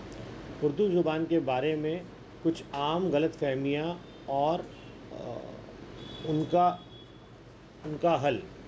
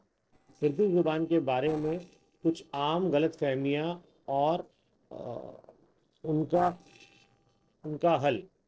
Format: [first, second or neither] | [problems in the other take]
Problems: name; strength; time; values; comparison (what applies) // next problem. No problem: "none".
first | noise reduction (neural separator model SepFormer DNS4)